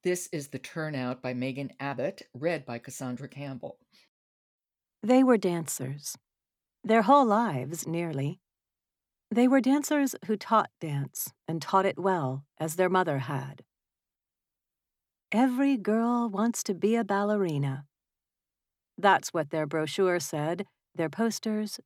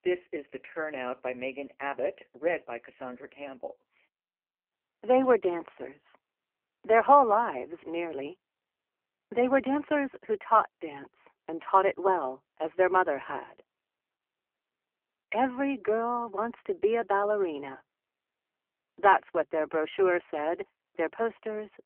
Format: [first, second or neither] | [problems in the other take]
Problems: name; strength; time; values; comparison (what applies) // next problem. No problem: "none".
first | phone-call audio; poor line